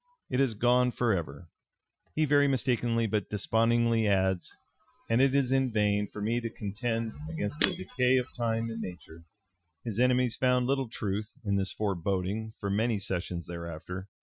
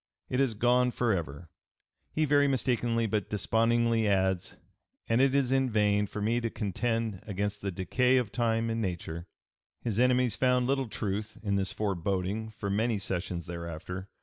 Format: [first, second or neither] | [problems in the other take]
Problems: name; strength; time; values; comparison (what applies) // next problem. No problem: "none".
second | noise reduction (classical method Wiener filter)